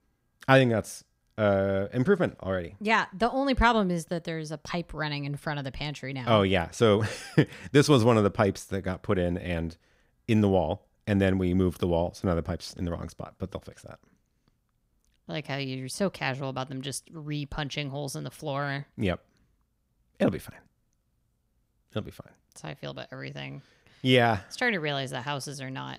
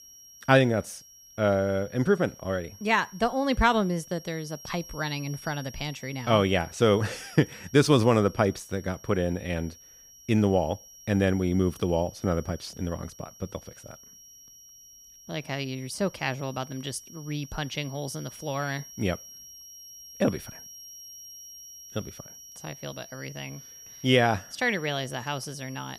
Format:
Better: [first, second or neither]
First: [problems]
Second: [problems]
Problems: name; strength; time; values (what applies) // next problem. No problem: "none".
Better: first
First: none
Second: high-pitched whine; noticeable; throughout; 5.5 kHz, 20 dB below the speech